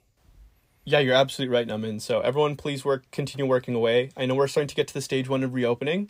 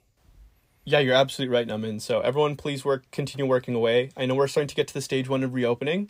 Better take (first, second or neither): neither